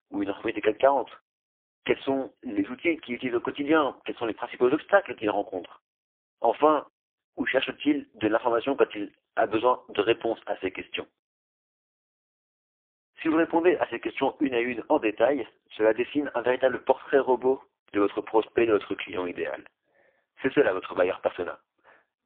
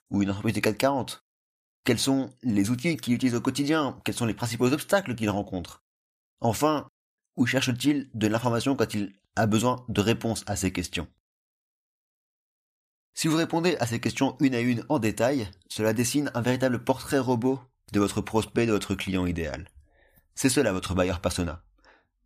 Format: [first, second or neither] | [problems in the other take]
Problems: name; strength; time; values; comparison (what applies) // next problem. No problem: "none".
second | phone-call audio; poor line; nothing above 3 kHz